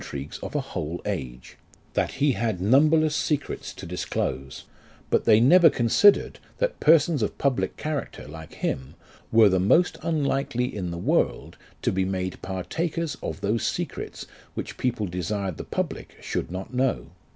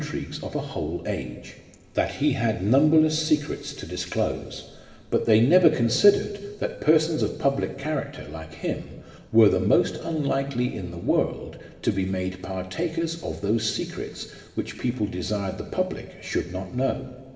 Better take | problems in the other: first | room echo; dies away in 2.1 s

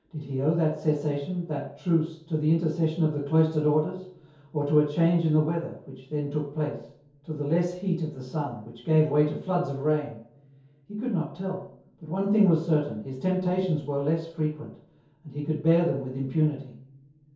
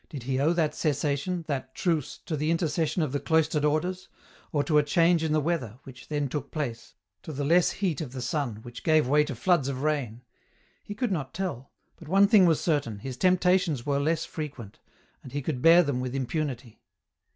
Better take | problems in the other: second | room echo; dies away in 0.6 s

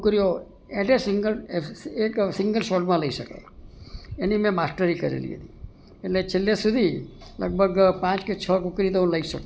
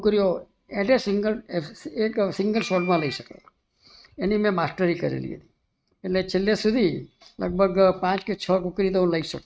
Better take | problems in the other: first | noise reduction (neural mask model RNNoise)

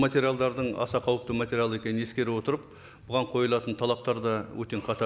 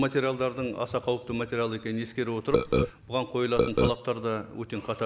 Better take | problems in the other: first | background sound (Burping, eructation); 5 dB above the speech

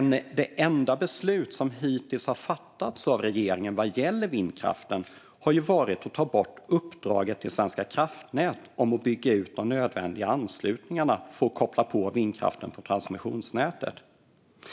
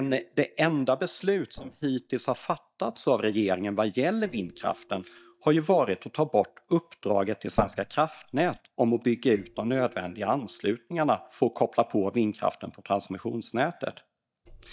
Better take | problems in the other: first | noise reduction (neural mask model DeepFilterNet 3)

